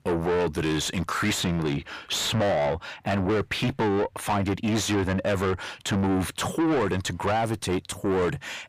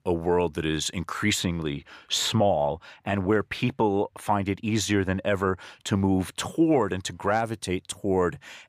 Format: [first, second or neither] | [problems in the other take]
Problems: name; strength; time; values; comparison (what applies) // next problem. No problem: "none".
second | distortion; heavy; 6 dB below the speech